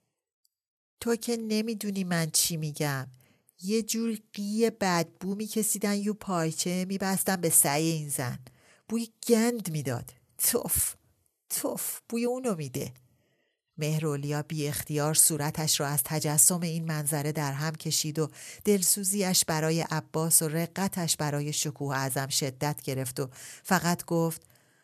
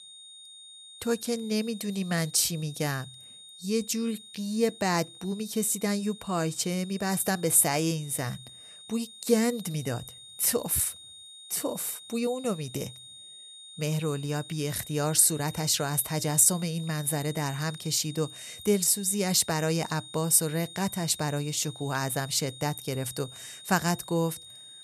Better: first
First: none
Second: high-pitched whine; noticeable; throughout; 3.5 kHz, 15 dB below the speech

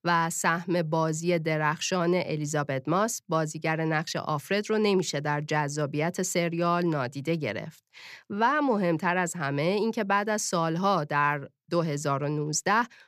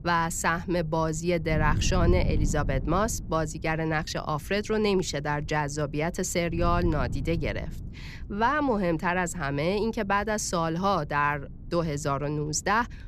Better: first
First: none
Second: wind noise on the microphone; occasional gusts; 20 dB below the speech

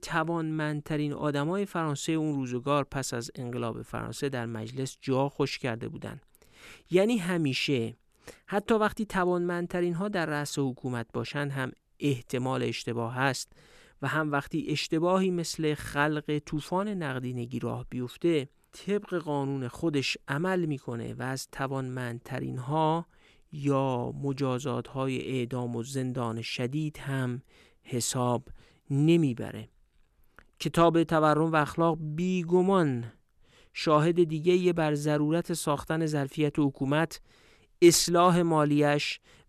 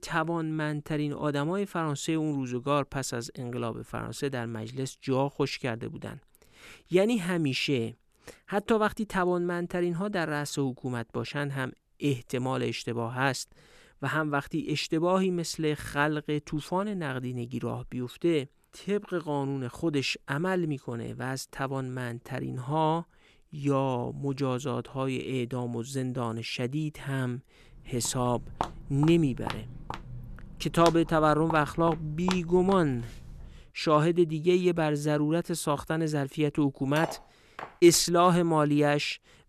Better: first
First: none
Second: footsteps; noticeable; from 28 to 33 s; peak 7 dB below the speech // clattering dishes; noticeable; at 37 s; peak 8 dB below the speech

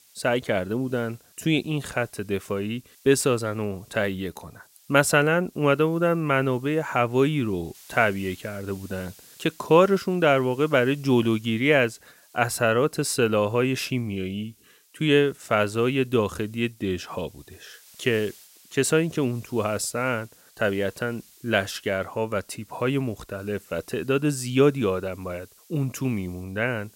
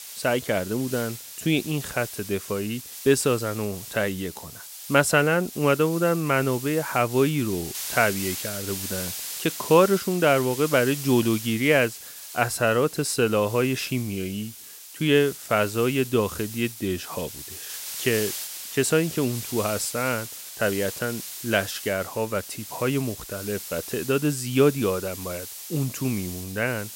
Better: first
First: hiss; faint; throughout; 25 dB below the speech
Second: hiss; loud; throughout; 10 dB below the speech

